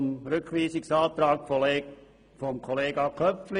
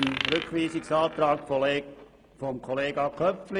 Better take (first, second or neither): first